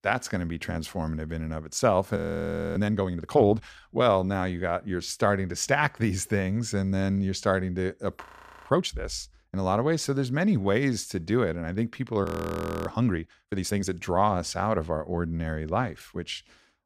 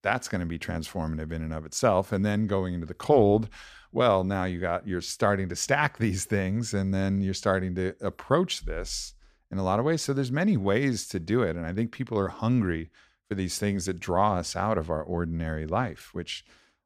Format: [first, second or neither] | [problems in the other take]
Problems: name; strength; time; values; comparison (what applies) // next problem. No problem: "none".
second | audio freezing; at 2 s for 0.5 s, at 8 s and at 12 s for 0.5 s